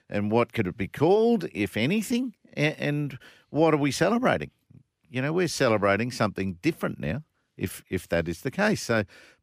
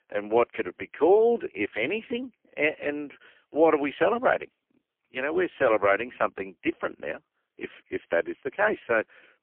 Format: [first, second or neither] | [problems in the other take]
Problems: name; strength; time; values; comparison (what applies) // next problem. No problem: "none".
first | phone-call audio; poor line